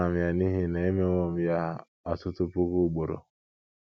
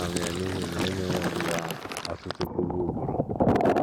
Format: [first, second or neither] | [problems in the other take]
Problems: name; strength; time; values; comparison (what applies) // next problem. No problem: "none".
first | background sound (Fill (with liquid)); 5 dB above the speech